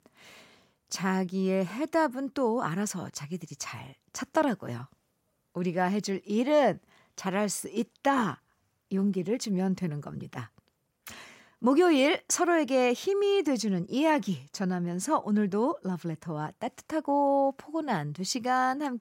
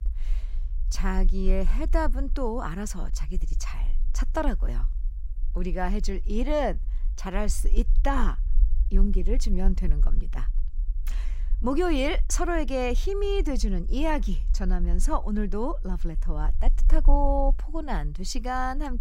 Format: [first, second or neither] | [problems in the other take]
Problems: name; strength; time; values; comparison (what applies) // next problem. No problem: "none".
first | low rumble; faint; throughout; 25 dB below the speech